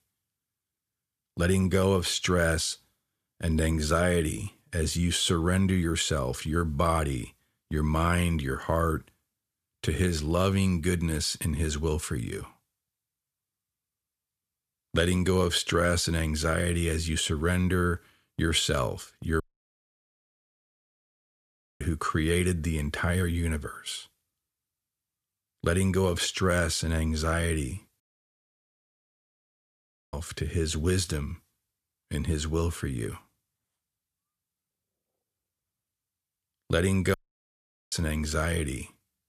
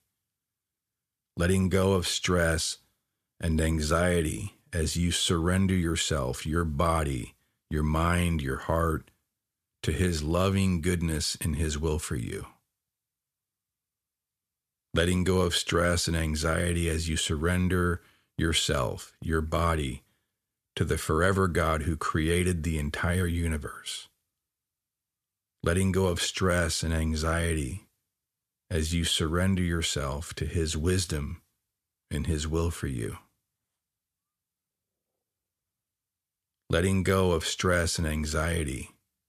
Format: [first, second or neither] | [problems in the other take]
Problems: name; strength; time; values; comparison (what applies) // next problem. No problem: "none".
second | audio cutting out; at 19 s for 2.5 s, at 28 s for 2 s and at 37 s for 1 s